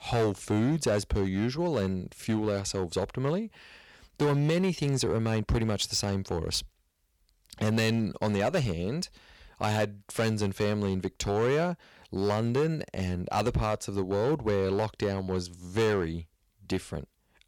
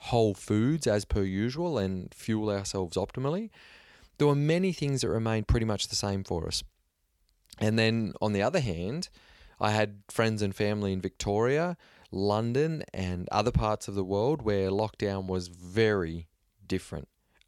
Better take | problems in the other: second | distortion; slight; 7% of the sound clipped

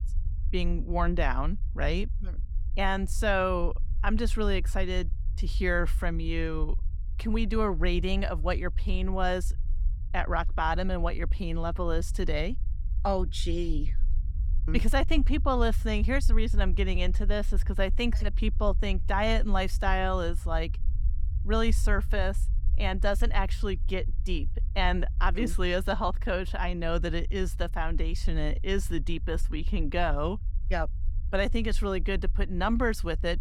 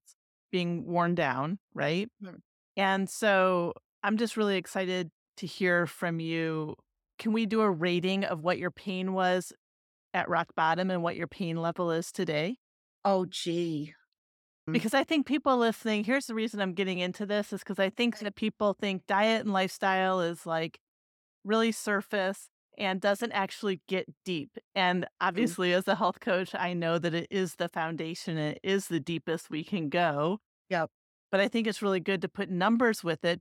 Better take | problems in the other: second | low rumble; faint; throughout; 25 dB below the speech

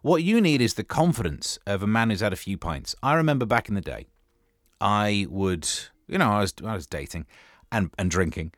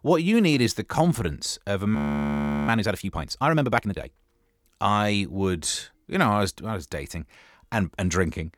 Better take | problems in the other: first | audio freezing; at 2 s for 0.5 s

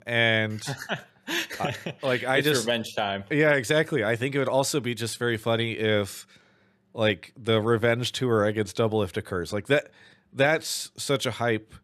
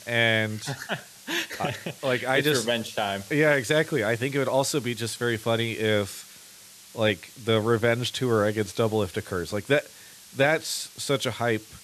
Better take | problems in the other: first | hiss; noticeable; throughout; 20 dB below the speech

